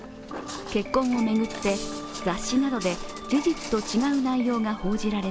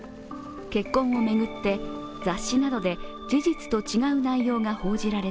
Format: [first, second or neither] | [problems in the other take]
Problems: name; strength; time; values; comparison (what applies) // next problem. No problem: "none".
second | background sound (Walk, footsteps); 15 dB below the speech